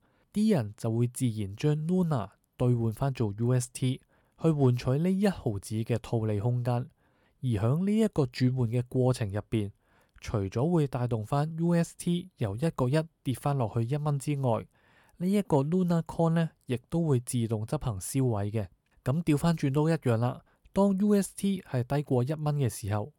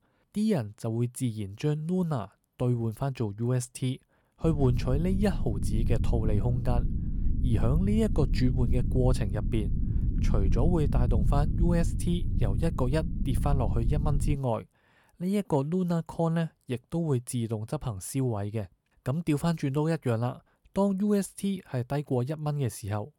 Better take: first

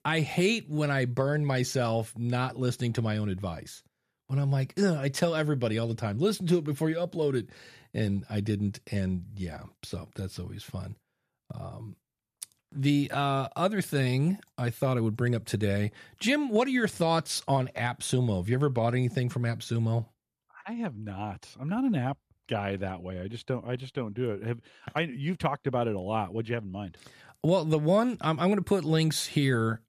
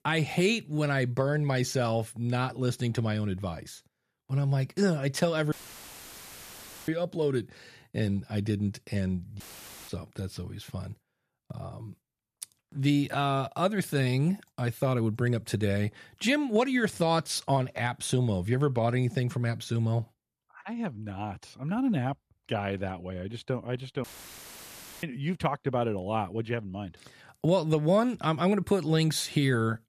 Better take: first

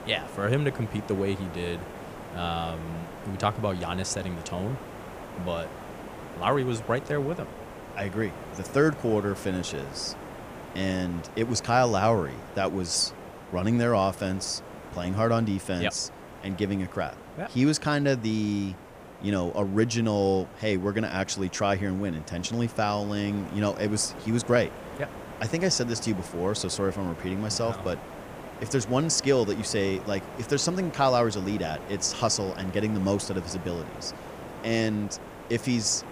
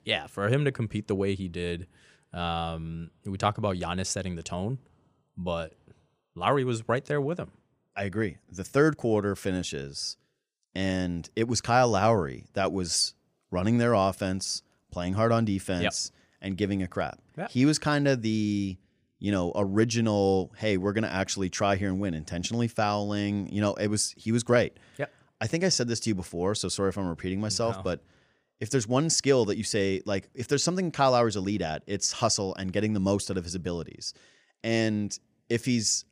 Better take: second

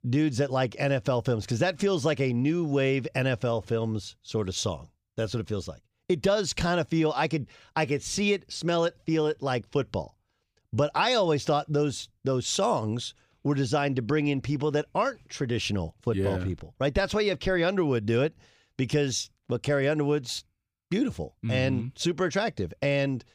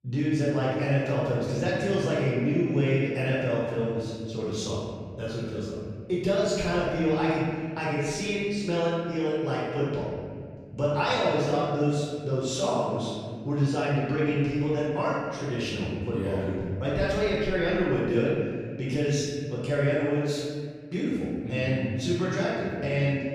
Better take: first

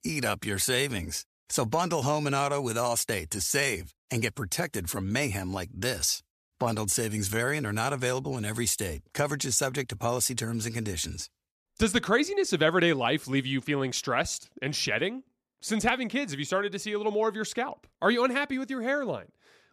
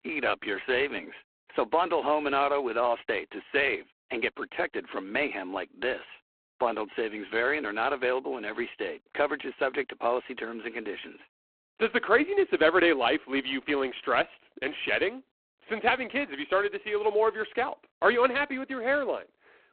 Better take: first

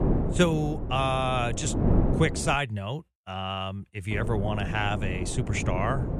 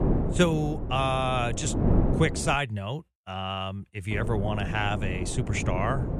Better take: neither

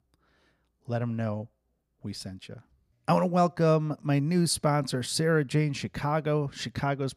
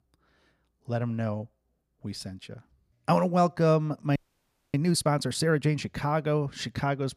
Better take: first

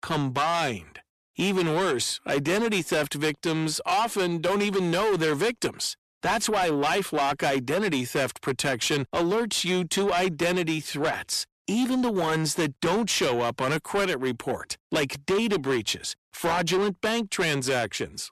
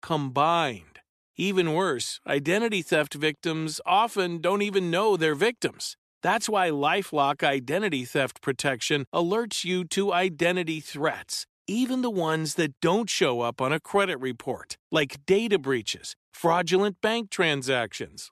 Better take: second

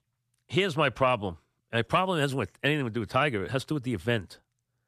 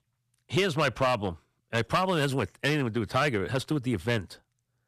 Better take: first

